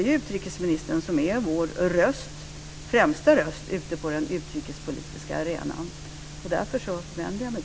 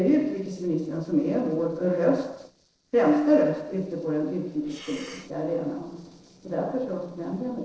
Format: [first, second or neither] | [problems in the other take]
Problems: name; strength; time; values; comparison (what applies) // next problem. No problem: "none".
first | noise reduction (neural separator model SepFormer DNS4)